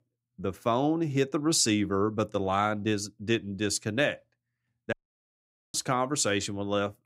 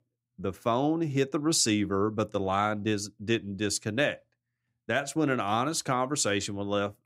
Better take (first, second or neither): second